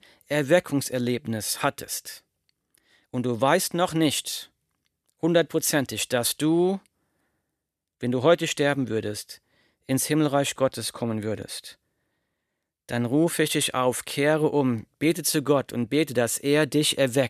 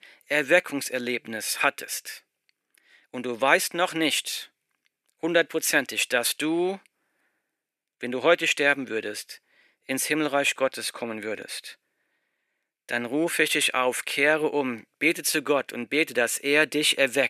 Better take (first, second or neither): first